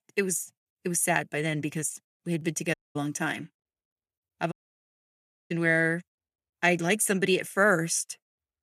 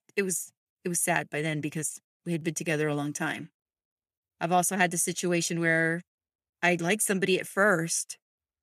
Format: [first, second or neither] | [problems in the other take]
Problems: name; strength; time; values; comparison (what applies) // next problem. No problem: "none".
second | audio cutting out; at 2.5 s and at 4.5 s for 1 s